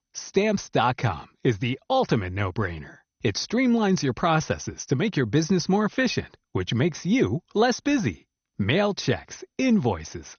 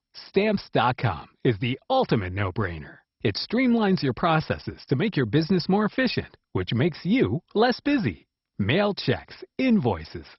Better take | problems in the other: first | garbled, watery; badly; nothing above 5.5 kHz; slightly in the first

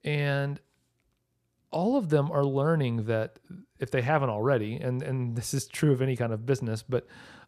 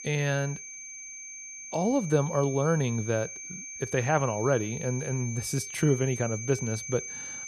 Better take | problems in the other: first | high-pitched whine; loud; throughout; 6.5 kHz, 9 dB below the speech

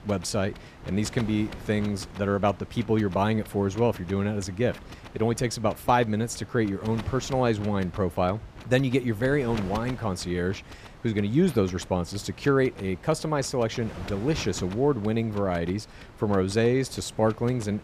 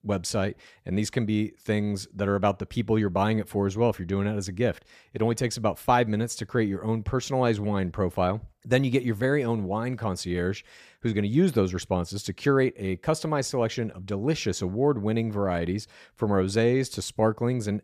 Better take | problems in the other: second | wind noise on the microphone; occasional gusts; 15 dB below the speech

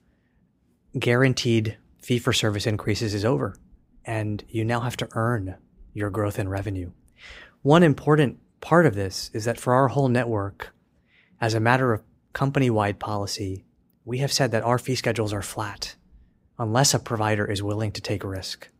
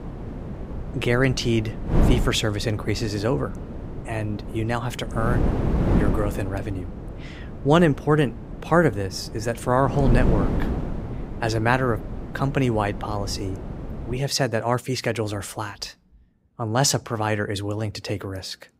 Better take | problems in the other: first | wind noise on the microphone; occasional gusts; until 14 s; 10 dB below the speech

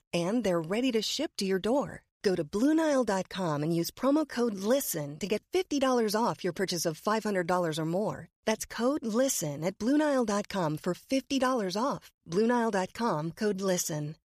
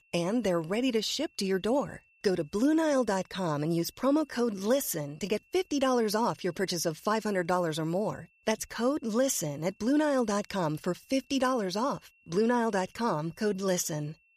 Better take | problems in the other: first | high-pitched whine; faint; throughout; 2.5 kHz, 35 dB below the speech

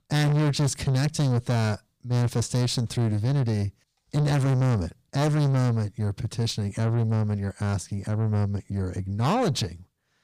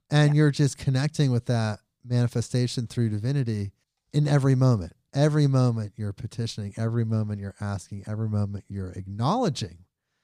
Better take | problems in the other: second | distortion; heavy; 7 dB below the speech

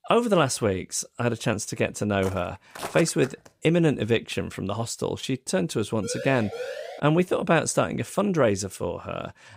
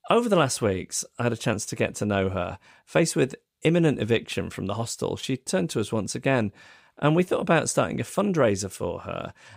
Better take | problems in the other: second | footsteps; noticeable; from 2 to 3.5 s; peak 10 dB below the speech // siren; noticeable; at 6 s; peak 9 dB below the speech

